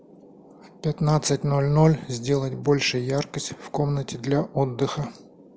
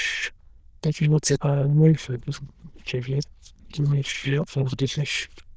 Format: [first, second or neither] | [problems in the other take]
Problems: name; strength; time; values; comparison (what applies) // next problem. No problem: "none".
first | noise reduction (neural diffusion model UNIVERSE++)